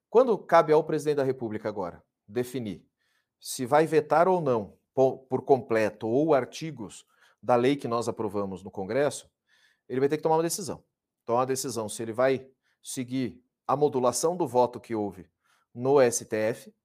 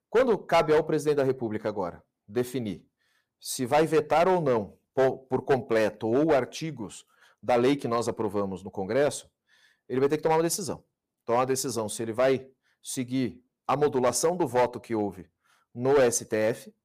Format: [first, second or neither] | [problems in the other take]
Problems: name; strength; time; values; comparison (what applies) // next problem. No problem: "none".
first | distortion; slight; 4% of the sound clipped